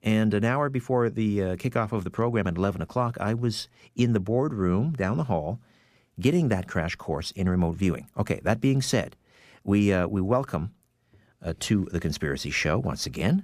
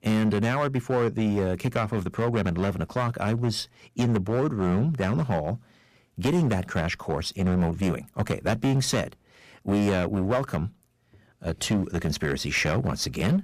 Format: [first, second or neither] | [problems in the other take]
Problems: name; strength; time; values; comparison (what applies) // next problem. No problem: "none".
first | distortion; slight; 8% of the sound clipped